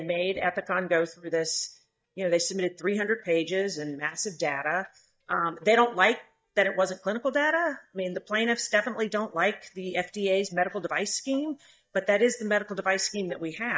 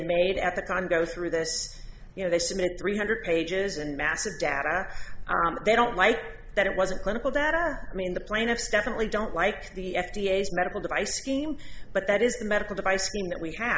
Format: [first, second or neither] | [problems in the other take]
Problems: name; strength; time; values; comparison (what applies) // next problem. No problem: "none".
second | noise reduction (neural mask model DeepFilterNet 3)